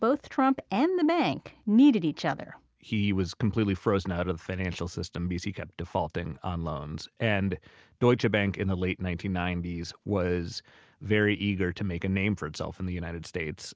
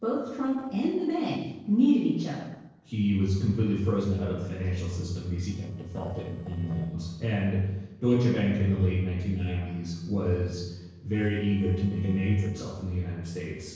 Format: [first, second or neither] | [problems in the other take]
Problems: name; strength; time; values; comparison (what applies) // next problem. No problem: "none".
first | noise reduction (neural separator model SepFormer DNS4)